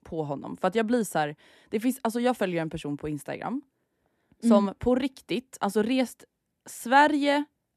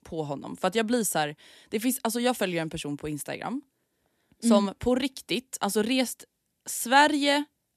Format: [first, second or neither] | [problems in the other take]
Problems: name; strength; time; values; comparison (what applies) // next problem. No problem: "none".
second | muffled; slightly; fading above 2.5 kHz